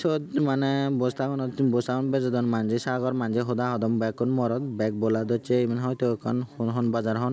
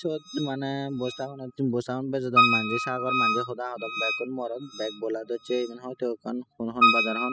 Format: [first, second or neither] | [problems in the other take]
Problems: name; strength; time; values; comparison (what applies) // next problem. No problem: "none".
first | noise reduction (classical method spectral subtraction)